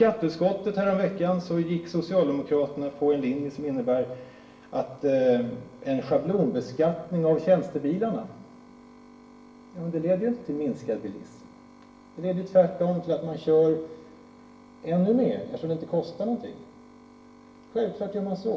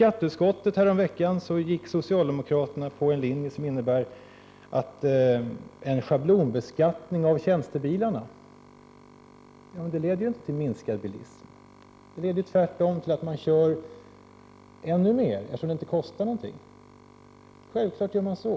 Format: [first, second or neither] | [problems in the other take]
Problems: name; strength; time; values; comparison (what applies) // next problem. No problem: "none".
second | room echo; dies away in 0.7 s